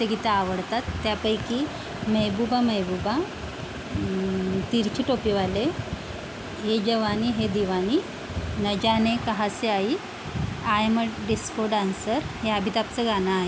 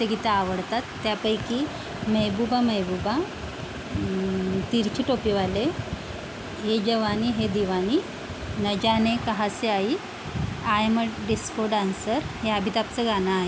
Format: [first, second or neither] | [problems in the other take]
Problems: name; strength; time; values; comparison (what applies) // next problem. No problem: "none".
second | background sound (Bowed string instrument); 14 dB below the speech